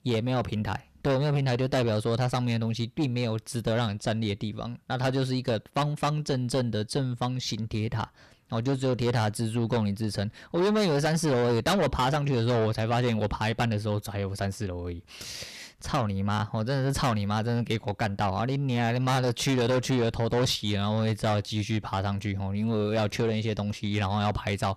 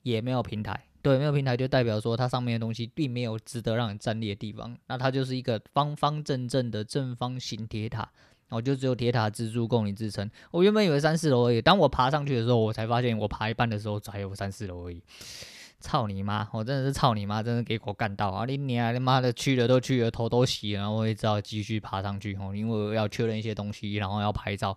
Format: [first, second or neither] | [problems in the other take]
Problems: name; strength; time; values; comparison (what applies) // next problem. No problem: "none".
second | distortion; heavy; 8 dB below the speech